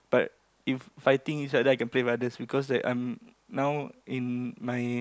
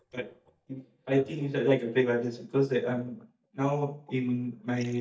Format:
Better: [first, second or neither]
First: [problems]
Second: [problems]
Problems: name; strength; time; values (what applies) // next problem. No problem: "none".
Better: first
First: none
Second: noise reduction (neural mask model DeepFilterNet 3)